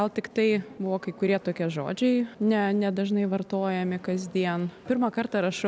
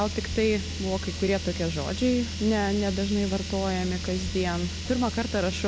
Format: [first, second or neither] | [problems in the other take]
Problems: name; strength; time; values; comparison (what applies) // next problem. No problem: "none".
first | background sound (Car); 6 dB below the speech